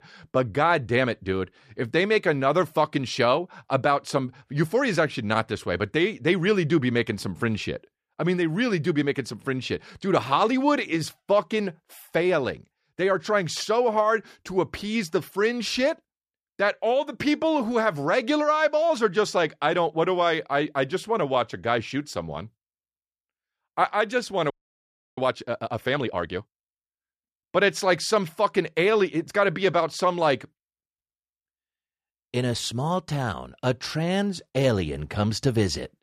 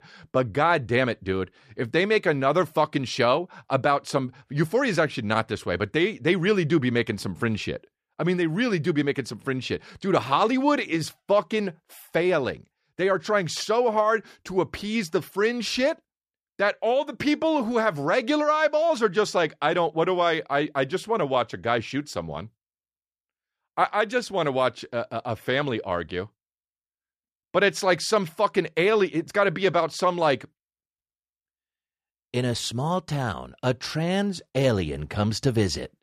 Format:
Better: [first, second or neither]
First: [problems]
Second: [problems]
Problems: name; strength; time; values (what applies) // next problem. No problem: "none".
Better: second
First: audio freezing; at 25 s for 0.5 s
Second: none